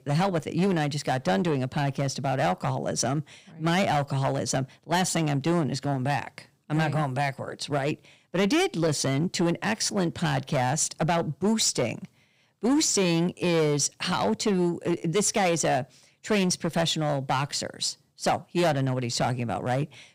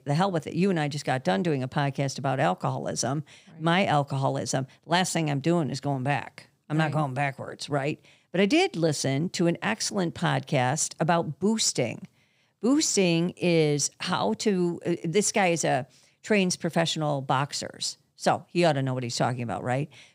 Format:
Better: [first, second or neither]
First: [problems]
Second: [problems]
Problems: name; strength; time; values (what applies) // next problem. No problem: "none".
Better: second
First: distortion; slight; 8% of the sound clipped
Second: none